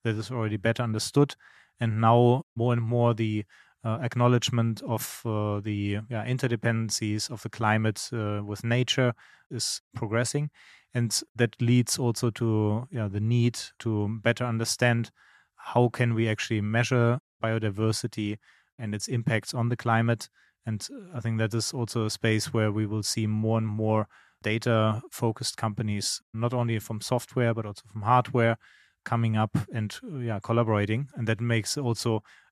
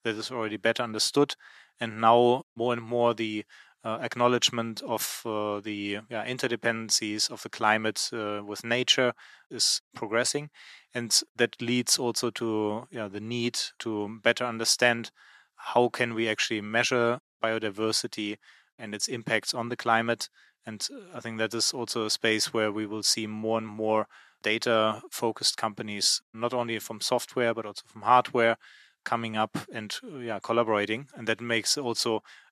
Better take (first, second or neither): first